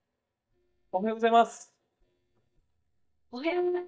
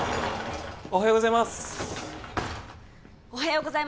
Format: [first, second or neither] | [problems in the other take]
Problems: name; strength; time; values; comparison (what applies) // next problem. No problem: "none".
second | noise reduction (neural mask model DeepFilterNet 3)